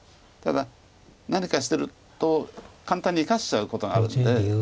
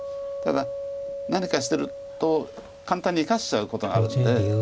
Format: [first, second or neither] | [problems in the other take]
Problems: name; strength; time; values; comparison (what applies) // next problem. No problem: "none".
first | background sound (Acoustic guitar); 9 dB below the speech